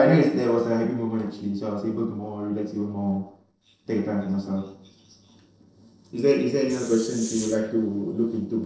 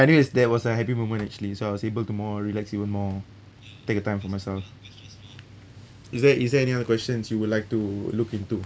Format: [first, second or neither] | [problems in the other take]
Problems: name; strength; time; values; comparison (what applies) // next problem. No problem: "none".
second | noise reduction (neural separator model SepFormer DNS4)